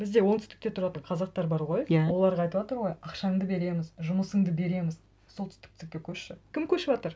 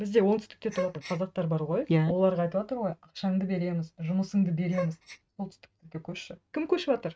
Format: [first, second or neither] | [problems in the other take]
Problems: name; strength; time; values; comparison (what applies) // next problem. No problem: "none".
first | noise reduction (neural mask model RNNoise)